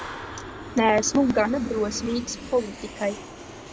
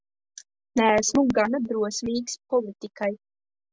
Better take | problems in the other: second | background sound (Clapping + Aircraft); 11 dB below the speech

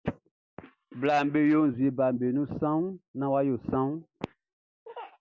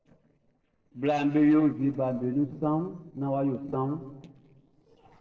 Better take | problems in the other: first | noise reduction (neural separator model SepFormer DNS4)

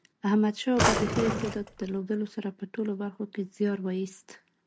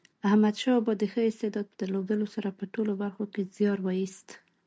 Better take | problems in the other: second | background sound (Drawer open or close); 1 dB above the speech

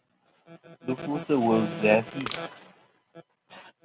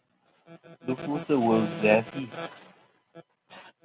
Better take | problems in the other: second | background sound (Crushing); 10 dB below the speech

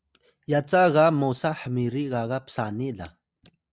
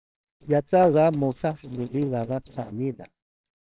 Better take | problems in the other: first | noise reduction (neural separator model SepFormer WHAMR!)

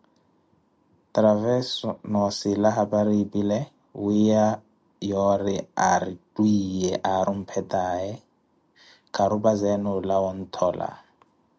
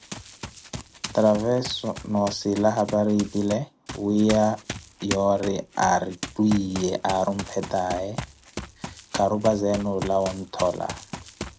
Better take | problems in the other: first | background sound (Run); 12 dB below the speech

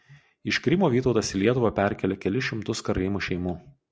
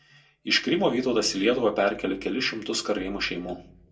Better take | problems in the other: first | room echo; dies away in 0.2 s

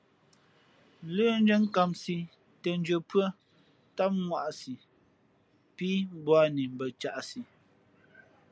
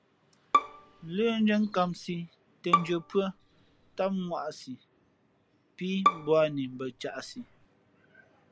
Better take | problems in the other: first | background sound (Bowed string instrument); 1 dB below the speech

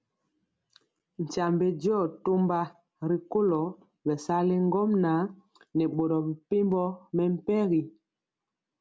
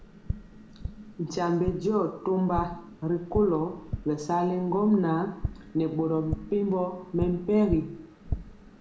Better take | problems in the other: first | background sound (Tap); 10 dB below the speech // room echo; dies away in 0.6 s

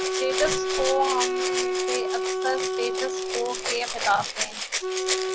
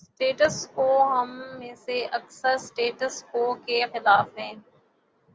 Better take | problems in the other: second | background sound (Rattle (instrument) + Wind instrument, woodwind instrument); 3 dB above the speech

